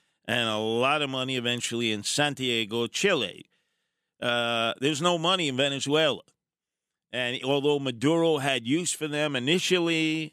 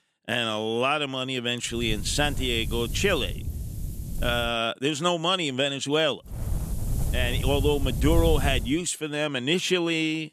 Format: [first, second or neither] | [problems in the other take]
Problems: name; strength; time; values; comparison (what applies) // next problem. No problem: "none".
first | wind noise on the microphone; occasional gusts; from 2 to 4.5 s and from 6.5 to 8.5 s; 15 dB below the speech